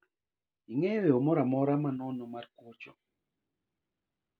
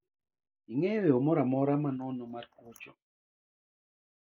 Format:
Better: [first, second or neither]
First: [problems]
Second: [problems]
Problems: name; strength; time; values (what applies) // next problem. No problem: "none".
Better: first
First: none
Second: noise reduction (neural mask model Resemble Enhance denoiser)